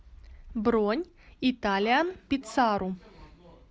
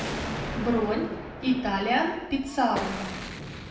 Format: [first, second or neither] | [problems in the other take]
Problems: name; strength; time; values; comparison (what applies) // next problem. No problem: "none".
first | background sound (Explosion); 7 dB below the speech // room echo; dies away in 0.9 s